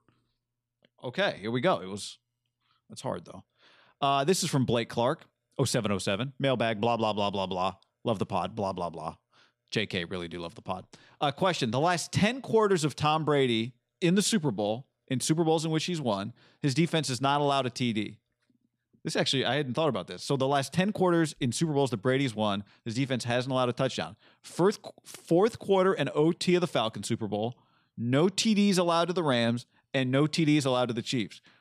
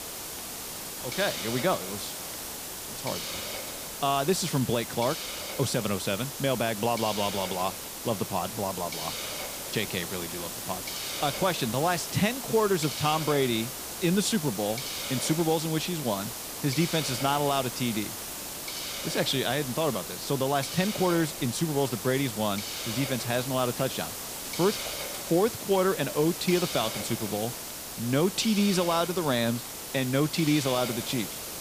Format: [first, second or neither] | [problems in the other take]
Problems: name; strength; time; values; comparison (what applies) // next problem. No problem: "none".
first | hiss; loud; throughout; 5 dB below the speech